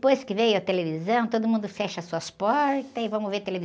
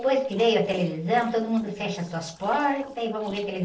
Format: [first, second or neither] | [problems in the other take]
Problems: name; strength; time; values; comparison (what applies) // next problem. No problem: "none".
first | noise reduction (neural separator model SepFormer DNS4)